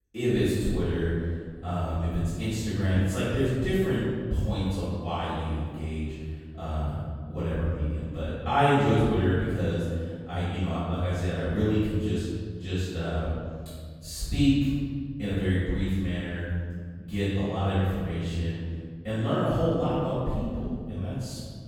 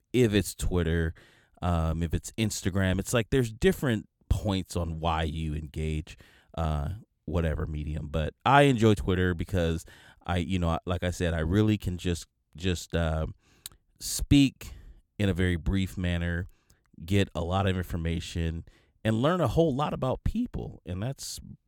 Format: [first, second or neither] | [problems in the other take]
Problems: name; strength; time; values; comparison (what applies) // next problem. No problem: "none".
second | off-mic speech; far // room echo; strong; dies away in 1.8 s